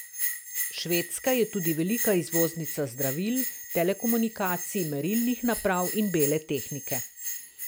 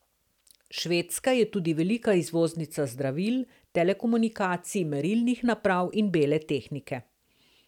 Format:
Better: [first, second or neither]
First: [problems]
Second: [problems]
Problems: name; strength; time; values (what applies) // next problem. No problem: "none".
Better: second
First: background sound (Bell); 5 dB below the speech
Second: none